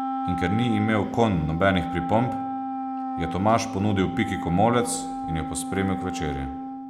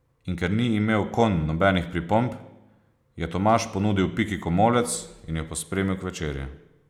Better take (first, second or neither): second